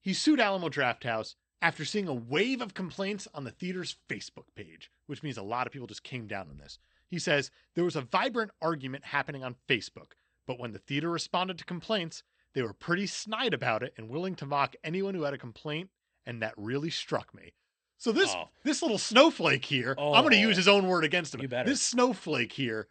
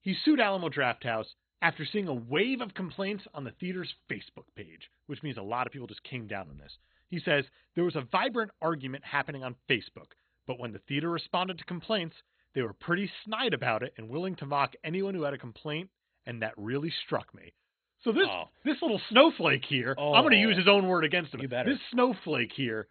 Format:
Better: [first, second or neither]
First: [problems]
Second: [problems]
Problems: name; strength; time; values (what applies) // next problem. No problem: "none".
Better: first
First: garbled, watery; slightly; nothing above 8.5 kHz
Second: garbled, watery; badly; nothing above 4 kHz